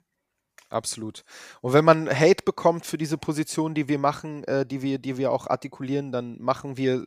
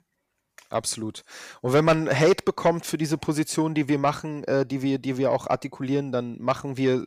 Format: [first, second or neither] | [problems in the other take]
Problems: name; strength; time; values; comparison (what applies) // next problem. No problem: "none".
first | distortion; slight; 10 dB below the speech